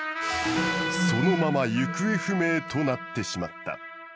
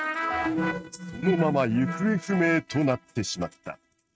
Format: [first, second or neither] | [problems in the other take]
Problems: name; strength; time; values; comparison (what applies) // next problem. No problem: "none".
first | noise reduction (neural mask model RNNoise)